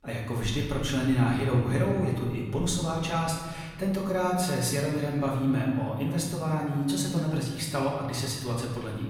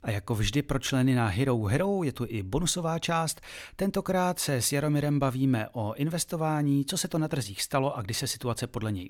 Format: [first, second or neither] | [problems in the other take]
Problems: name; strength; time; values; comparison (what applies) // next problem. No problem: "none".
second | room echo; noticeable; dies away in 1.6 s // off-mic speech; far